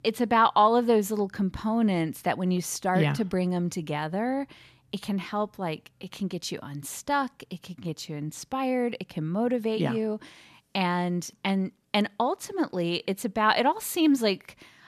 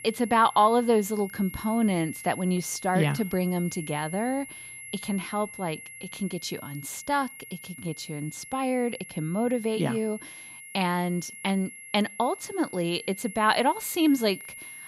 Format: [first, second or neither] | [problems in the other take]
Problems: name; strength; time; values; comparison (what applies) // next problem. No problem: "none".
first | high-pitched whine; noticeable; throughout; 2 kHz, 15 dB below the speech